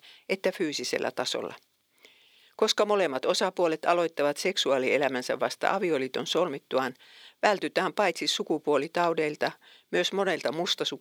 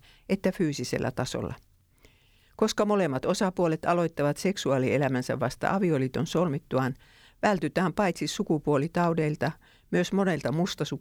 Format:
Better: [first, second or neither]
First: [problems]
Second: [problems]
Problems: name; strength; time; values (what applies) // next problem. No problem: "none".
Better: second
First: thin; somewhat; fading below 400 Hz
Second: none